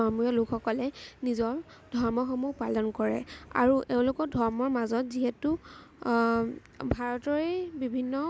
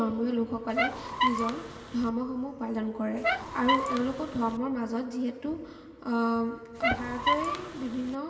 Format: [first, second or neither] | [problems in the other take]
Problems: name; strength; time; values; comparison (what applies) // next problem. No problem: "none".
first | background sound (Squeak); as loud as the speech // room echo; dies away in 1.9 s